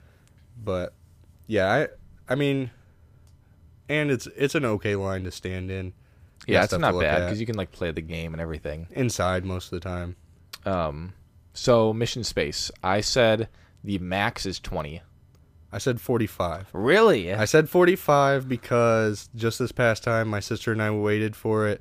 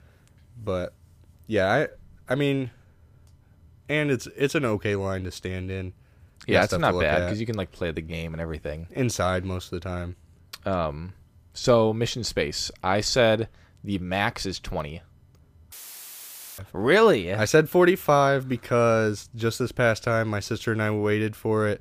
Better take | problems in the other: first | audio cutting out; filled with static; at 16 s for 1 s

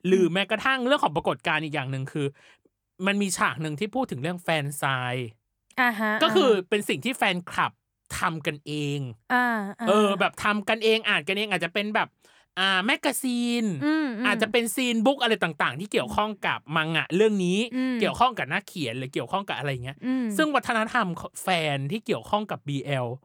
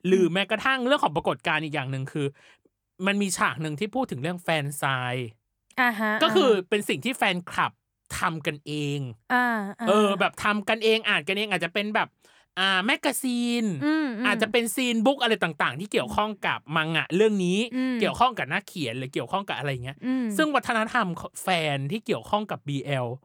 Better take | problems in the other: neither | none

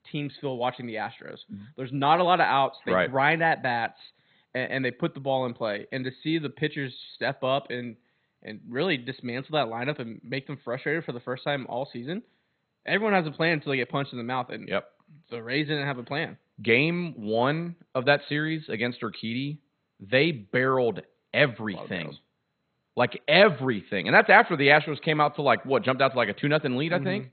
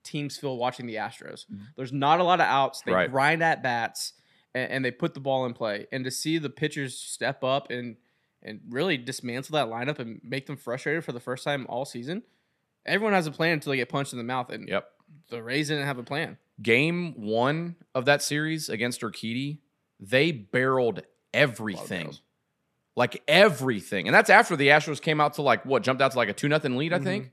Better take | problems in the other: second | garbled, watery; badly; nothing above 4 kHz

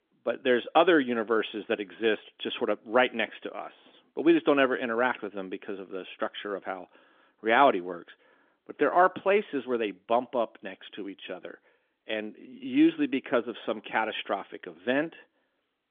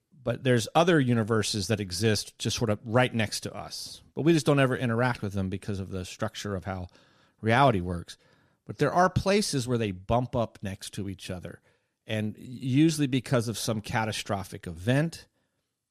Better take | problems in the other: second | phone-call audio; nothing above 3.5 kHz

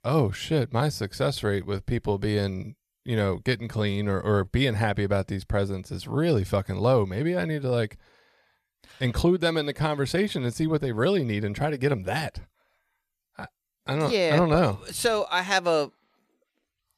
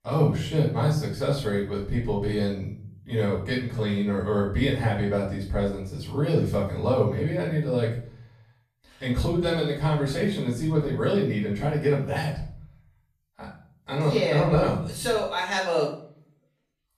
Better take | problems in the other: first | off-mic speech; far // room echo; noticeable; dies away in 0.5 s

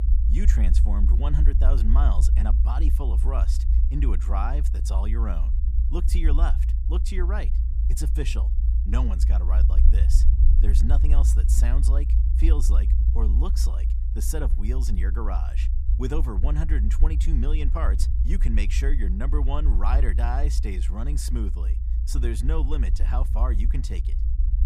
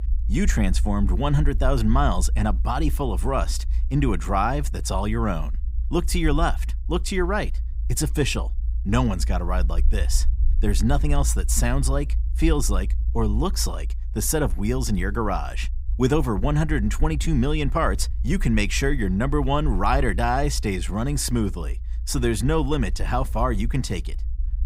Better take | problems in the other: second | low rumble; loud; throughout; 7 dB below the speech; faint in the second

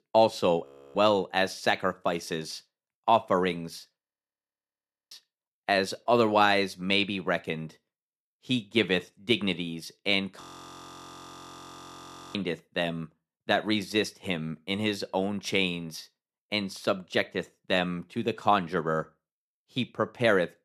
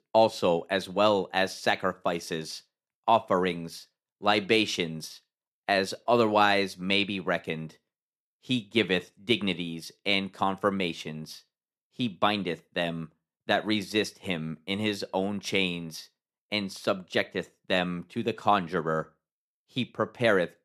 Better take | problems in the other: second | audio freezing; at 0.5 s, at 4 s for 1 s and at 10 s for 2 s

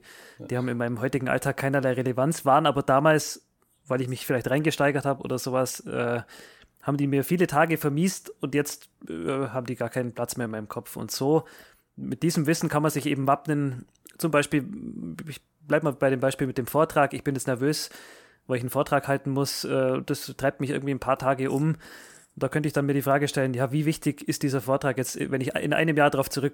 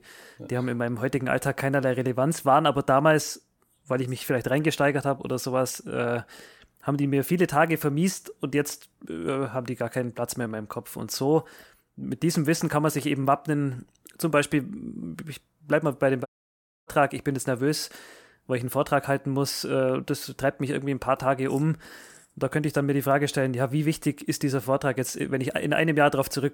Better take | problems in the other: first | audio cutting out; at 16 s for 0.5 s

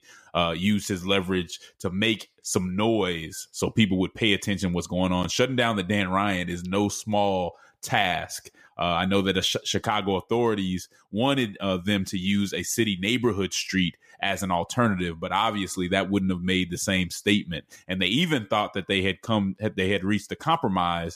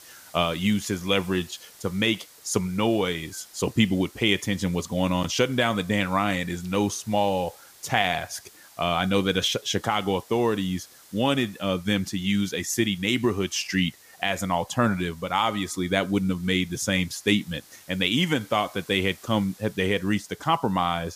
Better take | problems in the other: first | hiss; faint; throughout; 25 dB below the speech

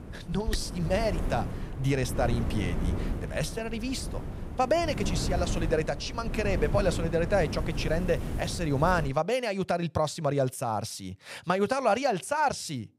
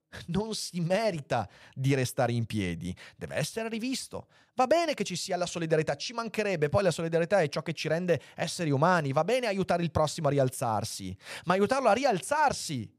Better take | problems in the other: second | wind noise on the microphone; occasional gusts; until 9 s; 10 dB below the speech

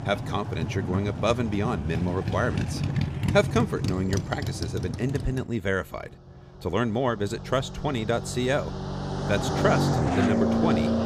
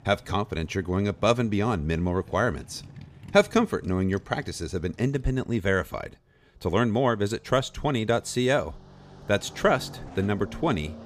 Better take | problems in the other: second | traffic noise; loud; throughout; 1 dB below the speech; faint in the second

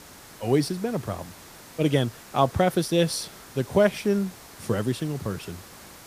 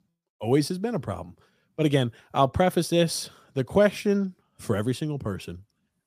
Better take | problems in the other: second | hiss; noticeable; throughout; 20 dB below the speech

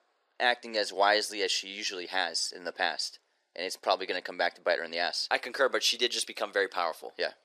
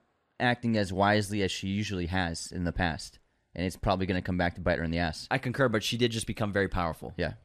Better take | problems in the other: second | thin; very; fading below 400 Hz

